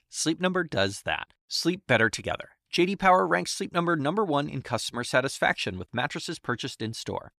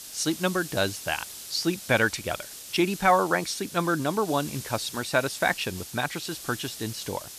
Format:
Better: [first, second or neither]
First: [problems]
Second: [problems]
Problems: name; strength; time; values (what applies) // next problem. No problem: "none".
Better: first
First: none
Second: hiss; noticeable; throughout; 10 dB below the speech